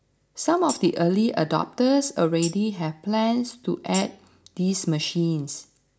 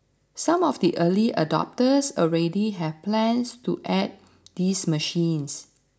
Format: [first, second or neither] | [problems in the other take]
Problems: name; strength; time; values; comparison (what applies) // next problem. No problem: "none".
second | background sound (Tambourine); 16 dB below the speech